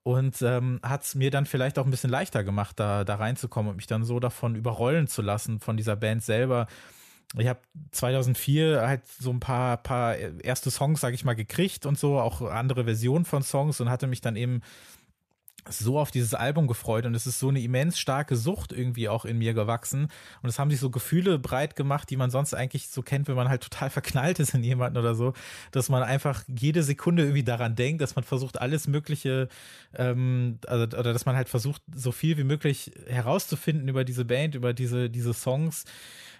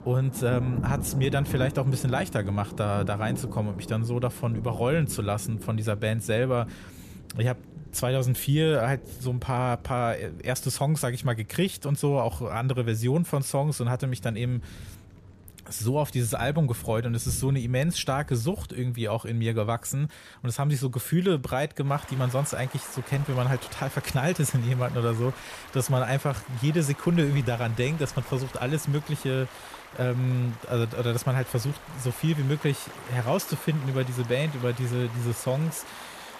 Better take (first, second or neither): first